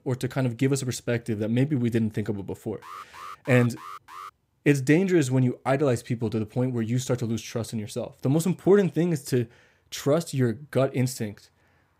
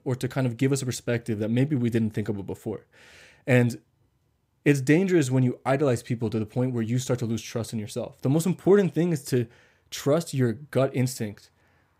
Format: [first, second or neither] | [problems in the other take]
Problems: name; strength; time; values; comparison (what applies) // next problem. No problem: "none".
second | alarm; faint; from 3 to 4.5 s; peak 15 dB below the speech